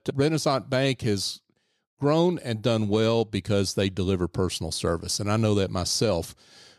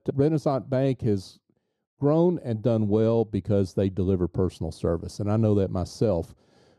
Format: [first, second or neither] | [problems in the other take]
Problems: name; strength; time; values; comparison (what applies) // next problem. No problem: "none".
first | muffled; very; fading above 1 kHz